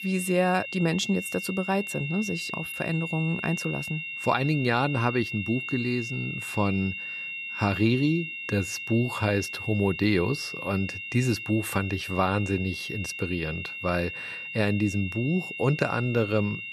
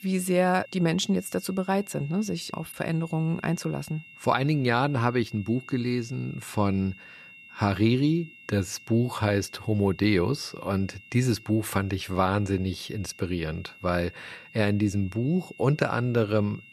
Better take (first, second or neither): second